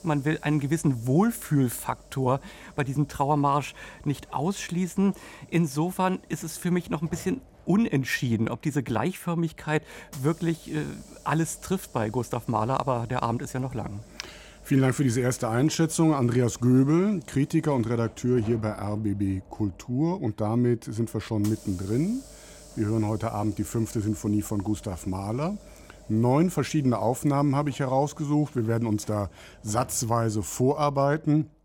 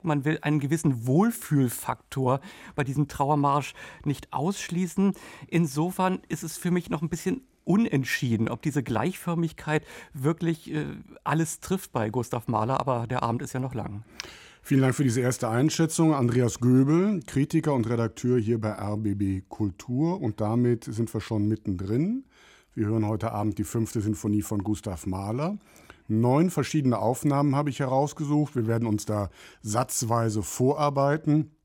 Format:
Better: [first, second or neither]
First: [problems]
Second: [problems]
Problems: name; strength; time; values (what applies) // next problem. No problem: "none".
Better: second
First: hiss; faint; throughout; 25 dB below the speech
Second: none